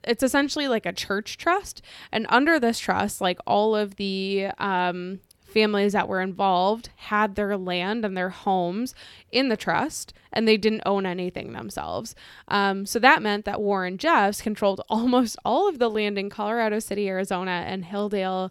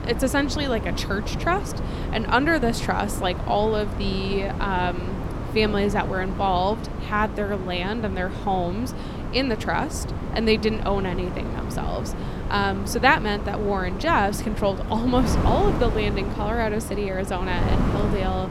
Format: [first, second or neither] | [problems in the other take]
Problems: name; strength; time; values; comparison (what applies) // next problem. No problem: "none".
first | wind noise on the microphone; heavy; 9 dB below the speech